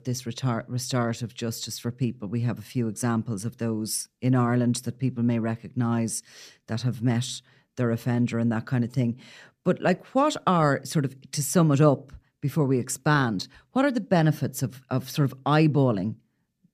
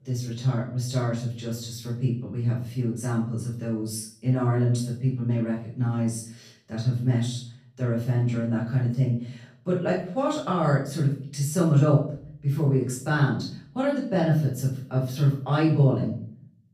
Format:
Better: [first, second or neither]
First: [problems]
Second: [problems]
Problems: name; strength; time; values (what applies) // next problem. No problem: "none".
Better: first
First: none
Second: off-mic speech; far // room echo; noticeable; dies away in 0.5 s